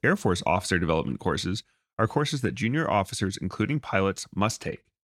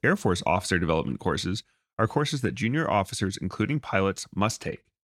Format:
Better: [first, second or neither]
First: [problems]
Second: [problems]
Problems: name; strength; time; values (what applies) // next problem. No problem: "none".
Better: neither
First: none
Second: none